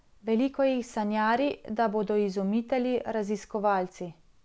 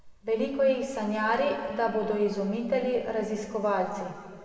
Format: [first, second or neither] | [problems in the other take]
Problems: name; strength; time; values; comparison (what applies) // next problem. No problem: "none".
first | room echo; dies away in 2.3 s